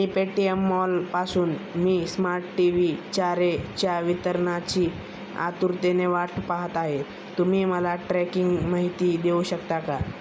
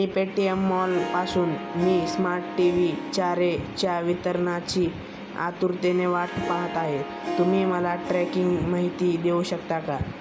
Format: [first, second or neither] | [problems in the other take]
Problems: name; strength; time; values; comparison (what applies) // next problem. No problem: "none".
first | background sound (Harp); 10 dB below the speech